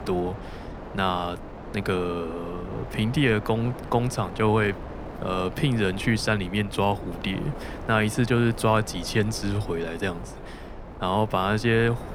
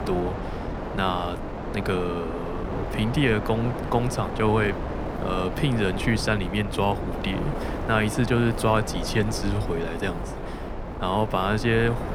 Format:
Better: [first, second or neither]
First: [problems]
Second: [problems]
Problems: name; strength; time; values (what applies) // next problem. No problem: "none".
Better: first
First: wind noise on the microphone; occasional gusts; 15 dB below the speech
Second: wind noise on the microphone; heavy; 7 dB below the speech